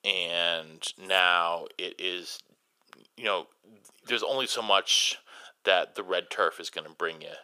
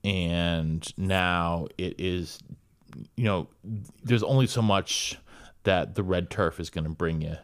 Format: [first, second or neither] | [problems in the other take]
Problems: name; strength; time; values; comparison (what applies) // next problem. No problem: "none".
second | thin; very; fading below 450 Hz